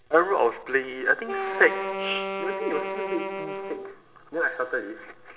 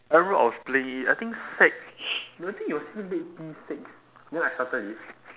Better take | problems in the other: second | background sound (Wind instrument, woodwind instrument); 5 dB below the speech // room echo; dies away in 2.2 s

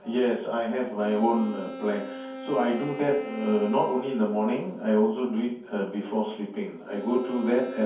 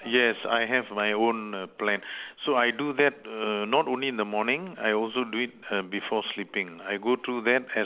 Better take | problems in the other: second | background sound (Wind instrument, woodwind instrument); 14 dB below the speech // room echo; dies away in 0.6 s

